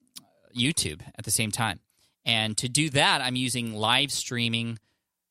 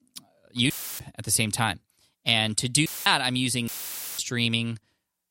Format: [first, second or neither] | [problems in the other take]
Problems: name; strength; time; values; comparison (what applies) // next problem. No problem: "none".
first | audio cutting out; filled with static; at 0.5 s, at 3 s and at 3.5 s